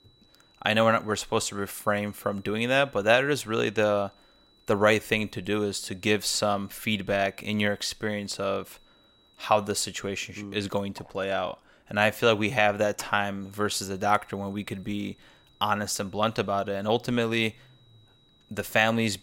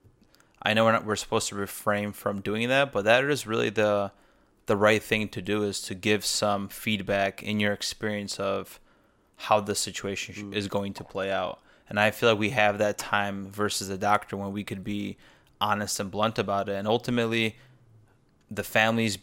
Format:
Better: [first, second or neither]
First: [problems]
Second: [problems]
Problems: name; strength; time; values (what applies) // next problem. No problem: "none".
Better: second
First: high-pitched whine; faint; until 10 s and from 13 s on; 4 kHz, 35 dB below the speech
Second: none